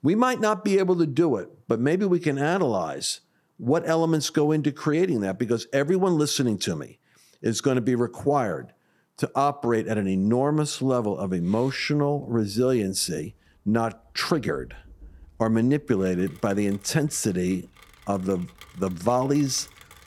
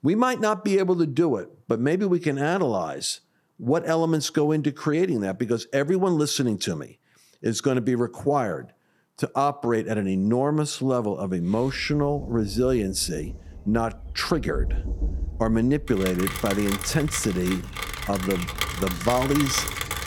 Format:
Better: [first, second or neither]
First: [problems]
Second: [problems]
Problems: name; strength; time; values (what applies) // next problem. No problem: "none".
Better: first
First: rain or running water; faint; from 12 s on; 25 dB below the speech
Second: rain or running water; loud; from 12 s on; 7 dB below the speech